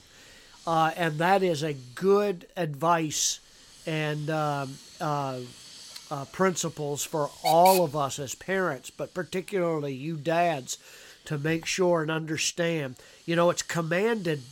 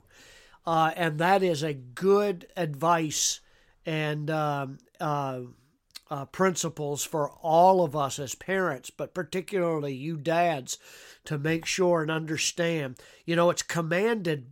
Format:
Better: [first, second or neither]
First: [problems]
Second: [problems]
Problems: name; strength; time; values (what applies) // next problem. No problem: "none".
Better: second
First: hiss; noticeable; throughout; 15 dB below the speech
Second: none